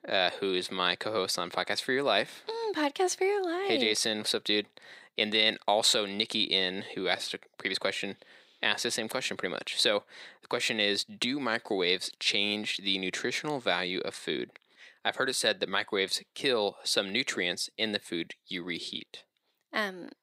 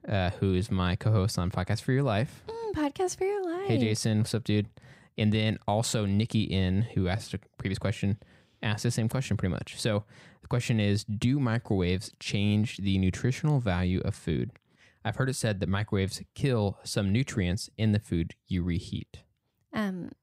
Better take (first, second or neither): second